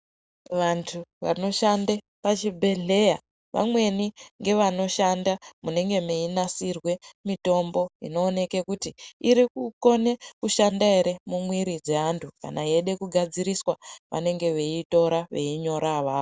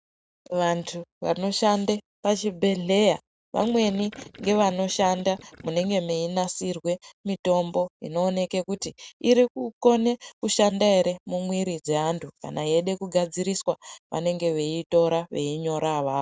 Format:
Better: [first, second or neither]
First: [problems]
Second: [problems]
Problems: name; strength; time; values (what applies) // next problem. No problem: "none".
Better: first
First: none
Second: noise reduction (neural mask model RNNoise)